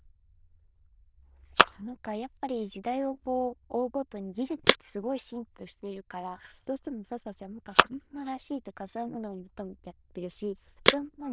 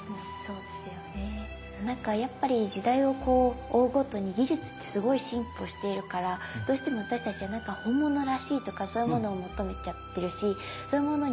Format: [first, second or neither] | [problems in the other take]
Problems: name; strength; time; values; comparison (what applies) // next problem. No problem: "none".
second | noise reduction (neural diffusion model UNIVERSE++)